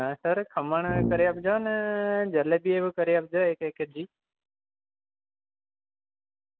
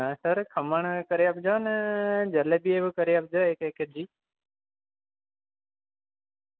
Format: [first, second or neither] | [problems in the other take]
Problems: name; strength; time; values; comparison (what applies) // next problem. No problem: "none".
second | background sound (Brass instrument); 4 dB below the speech